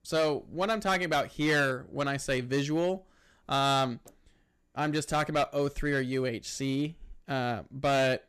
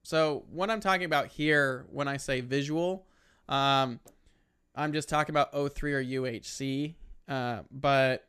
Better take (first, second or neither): second